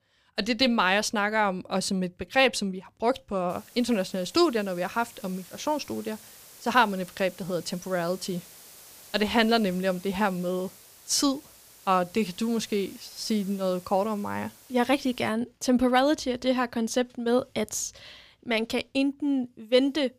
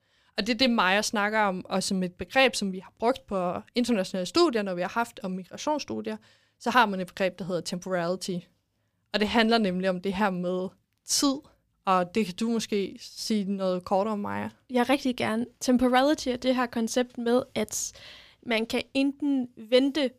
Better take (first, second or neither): second